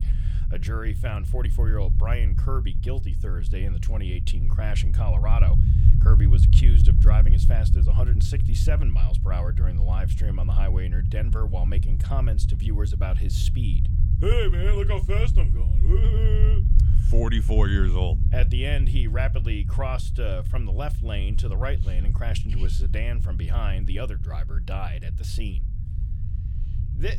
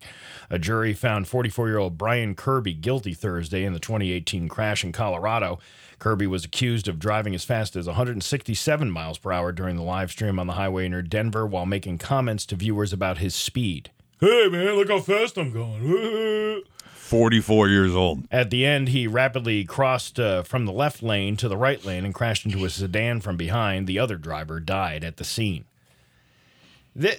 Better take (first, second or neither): second